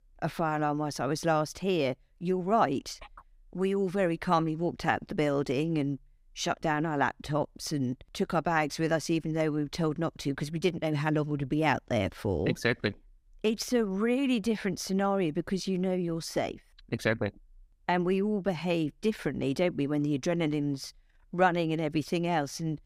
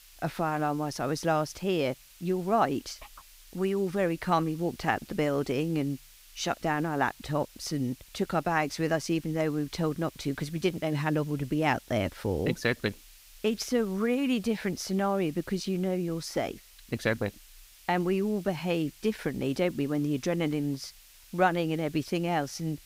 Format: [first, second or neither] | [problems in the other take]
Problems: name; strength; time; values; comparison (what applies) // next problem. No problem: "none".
first | hiss; faint; throughout; 20 dB below the speech